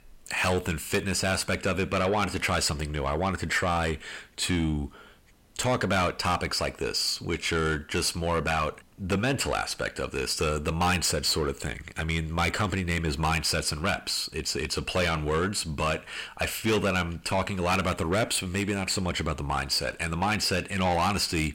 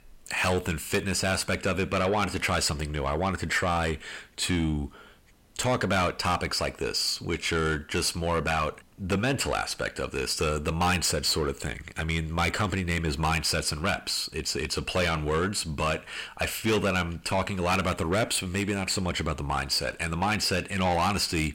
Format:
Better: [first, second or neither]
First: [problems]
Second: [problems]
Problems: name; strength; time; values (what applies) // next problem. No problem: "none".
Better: neither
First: distortion; heavy; 8 dB below the speech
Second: distortion; heavy; 8 dB below the speech